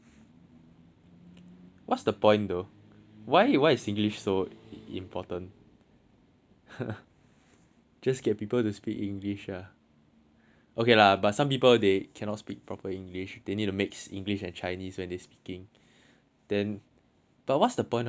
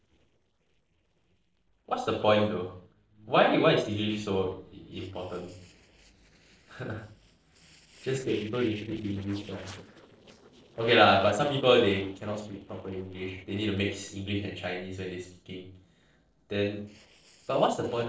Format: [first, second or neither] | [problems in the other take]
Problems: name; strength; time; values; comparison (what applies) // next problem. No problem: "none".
first | noise reduction (neural separator model SepFormer DNS4)